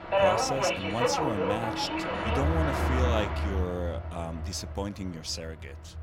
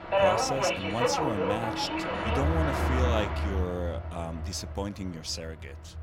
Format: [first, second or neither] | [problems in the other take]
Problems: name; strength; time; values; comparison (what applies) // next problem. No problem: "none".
neither | train or aircraft noise; very loud; throughout; 4 dB above the speech; the same in both